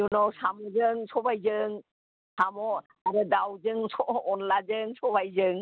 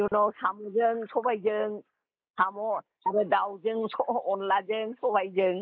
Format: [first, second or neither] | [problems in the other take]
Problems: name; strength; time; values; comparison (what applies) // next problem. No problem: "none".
first | noise reduction (neural mask model Resemble Enhance denoiser)